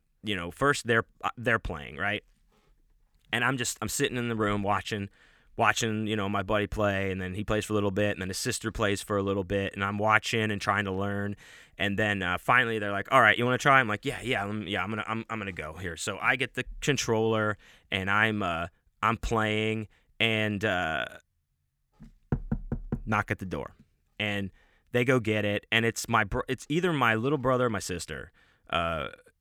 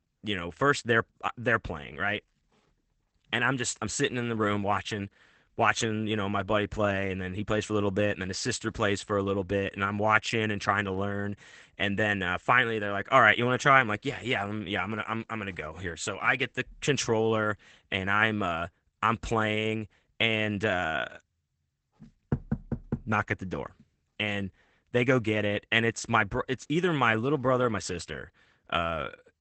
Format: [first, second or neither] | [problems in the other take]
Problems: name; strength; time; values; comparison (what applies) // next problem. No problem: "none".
first | garbled, watery; badly; nothing above 8 kHz